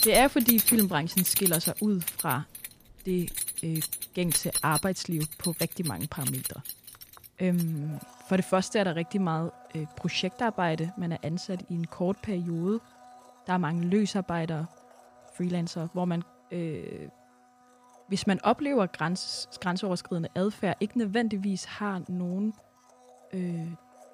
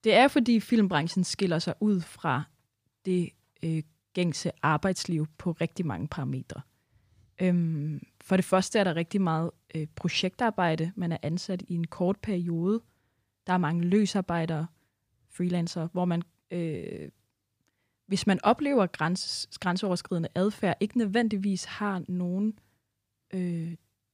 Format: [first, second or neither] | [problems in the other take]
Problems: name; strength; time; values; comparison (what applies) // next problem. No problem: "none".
second | household noises; very loud; throughout; as loud as the speech